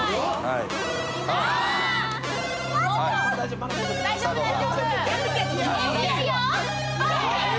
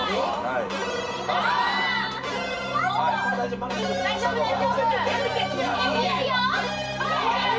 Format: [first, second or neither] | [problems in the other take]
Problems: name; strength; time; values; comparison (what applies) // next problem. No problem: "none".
first | room echo; dies away in 0.1 s